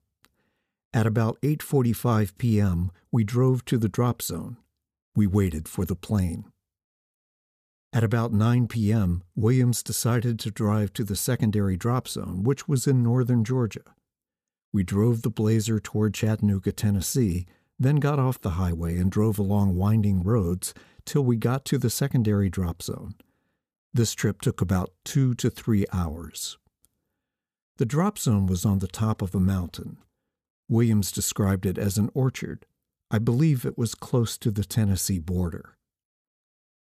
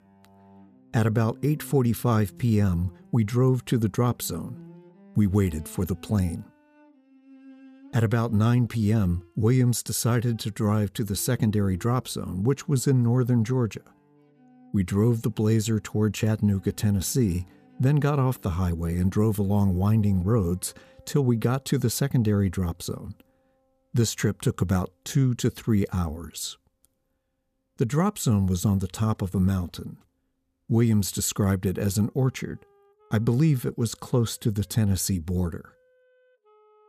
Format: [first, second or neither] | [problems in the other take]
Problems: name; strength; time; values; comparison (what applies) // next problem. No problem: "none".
first | background music; faint; throughout; 30 dB below the speech